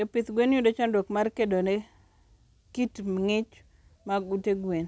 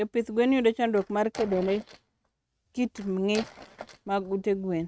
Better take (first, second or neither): first